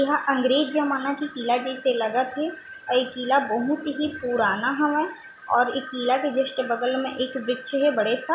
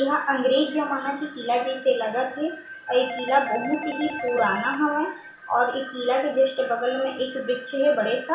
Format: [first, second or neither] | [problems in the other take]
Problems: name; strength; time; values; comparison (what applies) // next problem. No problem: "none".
first | background sound (Doorbell); 11 dB below the speech // room echo; dies away in 0.5 s